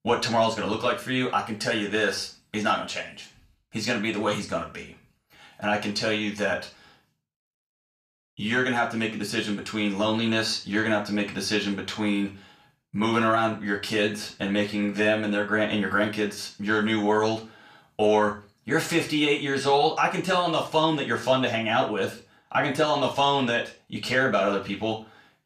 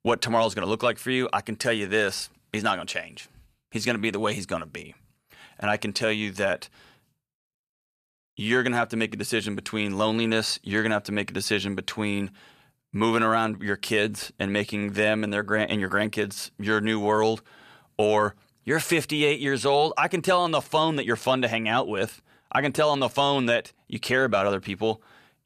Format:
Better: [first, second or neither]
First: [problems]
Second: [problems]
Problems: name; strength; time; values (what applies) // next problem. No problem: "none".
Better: second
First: room echo; slight; dies away in 0.3 s // off-mic speech; far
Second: none